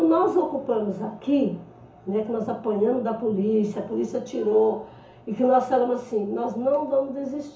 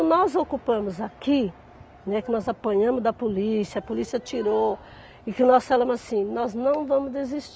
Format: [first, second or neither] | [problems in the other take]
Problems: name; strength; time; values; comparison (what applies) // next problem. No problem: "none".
second | room echo; dies away in 0.7 s